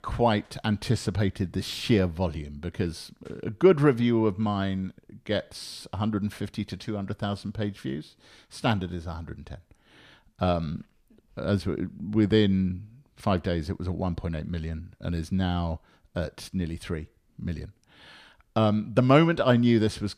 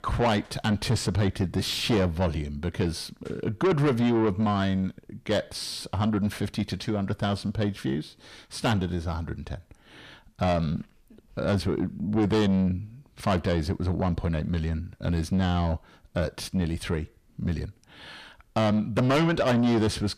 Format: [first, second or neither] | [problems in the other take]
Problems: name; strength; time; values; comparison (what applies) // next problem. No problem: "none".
first | distortion; heavy; 6 dB below the speech